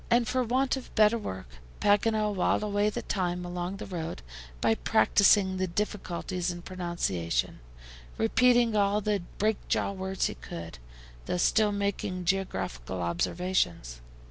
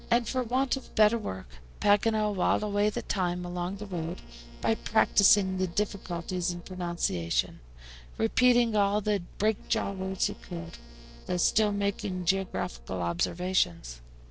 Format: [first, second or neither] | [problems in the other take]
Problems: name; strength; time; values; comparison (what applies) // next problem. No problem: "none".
first | noise reduction (neural separator model SepFormer DNS4)